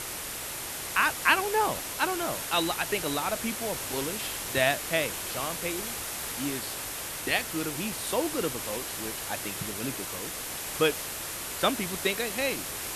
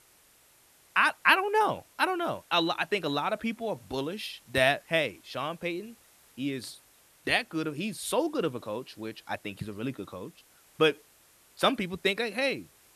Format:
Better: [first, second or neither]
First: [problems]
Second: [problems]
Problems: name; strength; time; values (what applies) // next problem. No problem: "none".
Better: second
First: hiss; loud; throughout; 3 dB below the speech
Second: hiss; faint; throughout; 30 dB below the speech